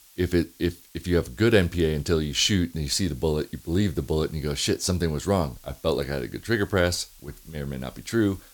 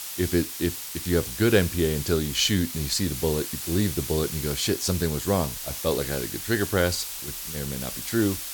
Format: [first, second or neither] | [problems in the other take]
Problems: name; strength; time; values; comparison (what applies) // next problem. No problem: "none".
first | hiss; loud; throughout; 6 dB below the speech; faint in the first